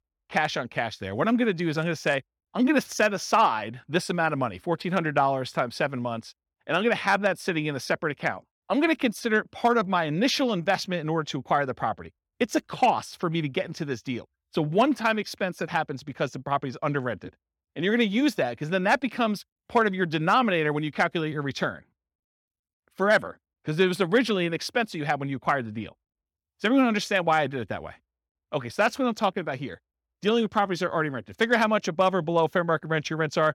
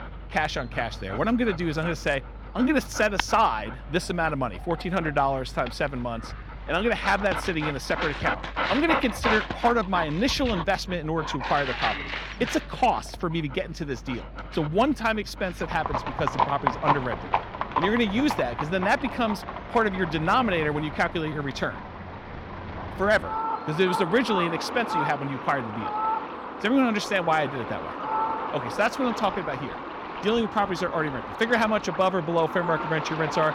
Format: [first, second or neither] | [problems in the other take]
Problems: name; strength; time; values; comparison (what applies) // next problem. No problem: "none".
first | animal sounds; loud; throughout; 6 dB below the speech